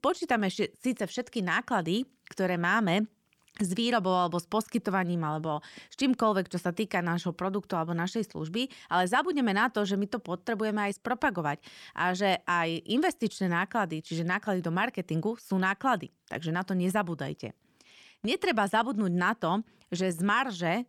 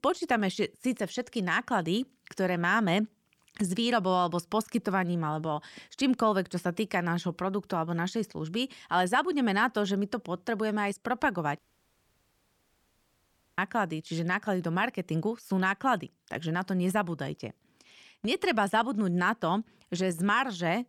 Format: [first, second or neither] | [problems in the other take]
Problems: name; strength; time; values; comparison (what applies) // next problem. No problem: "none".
first | audio cutting out; at 12 s for 2 s